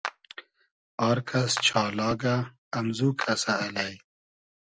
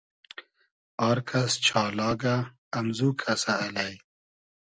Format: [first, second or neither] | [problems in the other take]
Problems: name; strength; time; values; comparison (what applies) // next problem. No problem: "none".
second | background sound (Clapping); 15 dB below the speech